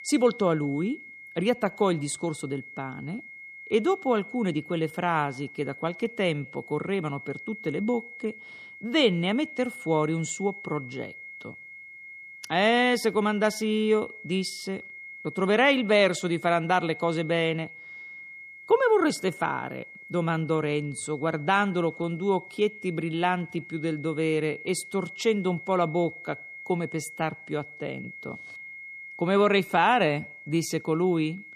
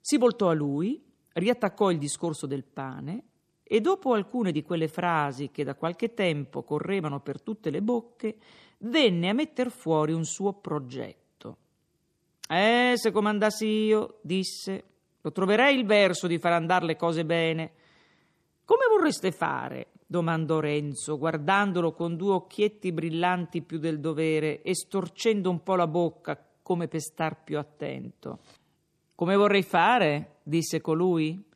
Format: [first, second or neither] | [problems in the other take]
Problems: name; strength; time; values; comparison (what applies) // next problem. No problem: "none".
second | high-pitched whine; noticeable; throughout; 2 kHz, 15 dB below the speech